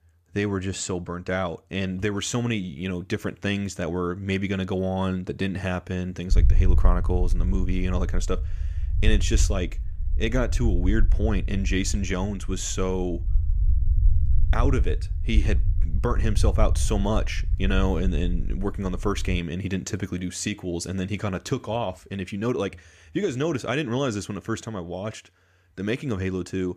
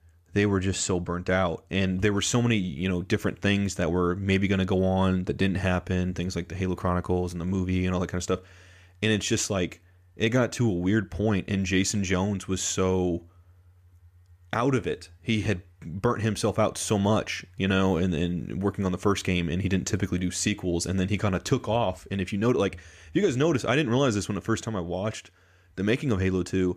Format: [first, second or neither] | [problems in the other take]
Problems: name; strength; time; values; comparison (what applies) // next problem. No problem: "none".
second | low rumble; noticeable; from 6.5 to 19 s; 15 dB below the speech